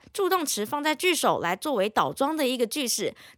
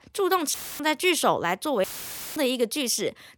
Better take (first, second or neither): first